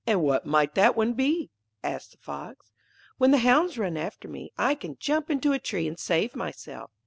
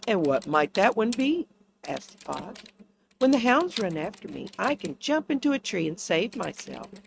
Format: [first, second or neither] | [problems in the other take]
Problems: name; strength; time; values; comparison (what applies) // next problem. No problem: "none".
first | noise reduction (neural mask model RNNoise)